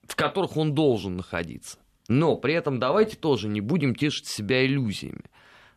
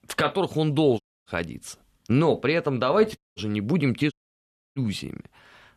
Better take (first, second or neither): first